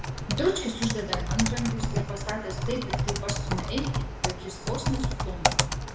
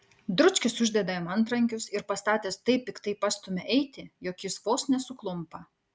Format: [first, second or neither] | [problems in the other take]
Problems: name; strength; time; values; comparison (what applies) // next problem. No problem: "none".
second | background sound (Typing); 3 dB above the speech // room echo; dies away in 0.8 s